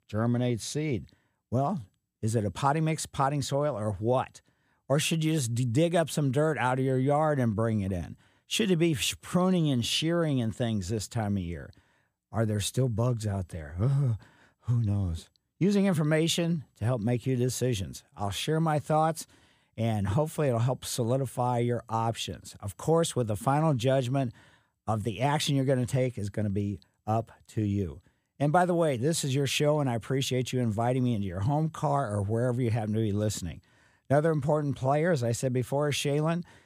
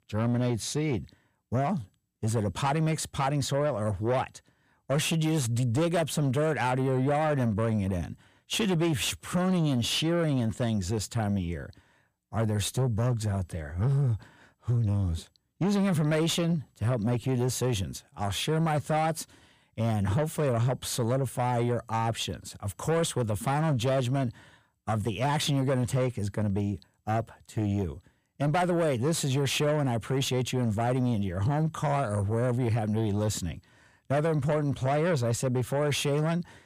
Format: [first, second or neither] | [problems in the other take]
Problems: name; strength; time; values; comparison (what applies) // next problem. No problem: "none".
first | distortion; slight; 10 dB below the speech